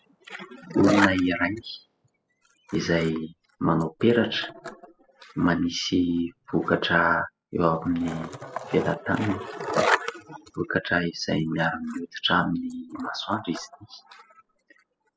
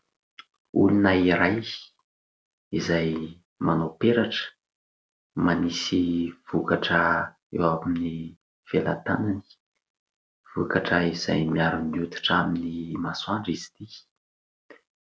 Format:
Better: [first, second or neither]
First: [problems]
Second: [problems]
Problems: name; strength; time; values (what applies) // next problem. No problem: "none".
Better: second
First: noise reduction (classical method spectral subtraction)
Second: none